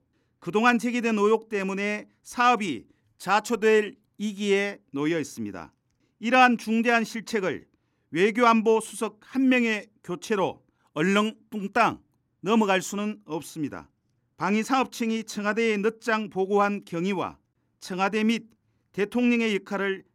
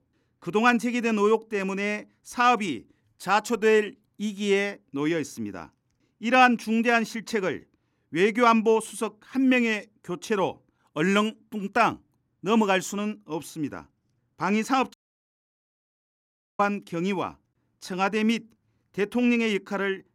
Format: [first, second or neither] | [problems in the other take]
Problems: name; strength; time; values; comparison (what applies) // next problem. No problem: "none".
first | audio cutting out; at 15 s for 1.5 s